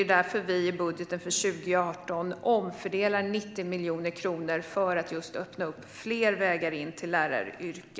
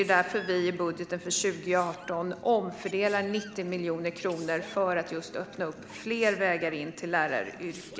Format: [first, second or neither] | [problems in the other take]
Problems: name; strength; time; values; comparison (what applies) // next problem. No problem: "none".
first | background sound (Sneeze + Acoustic guitar); 19 dB below the speech